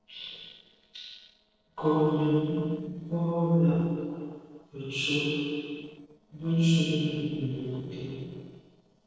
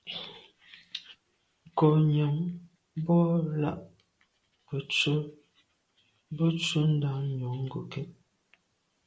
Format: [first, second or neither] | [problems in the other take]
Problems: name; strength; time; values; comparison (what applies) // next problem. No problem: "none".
second | noise reduction (neural separator model SepFormer DNS4)